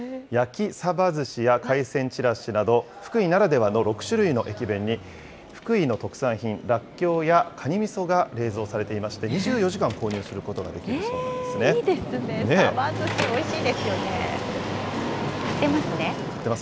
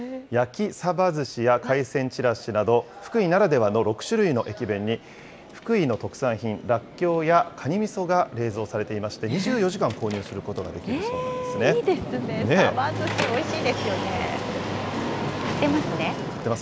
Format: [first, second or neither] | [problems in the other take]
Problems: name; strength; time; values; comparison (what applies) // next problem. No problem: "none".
second | background sound (Engine); 20 dB below the speech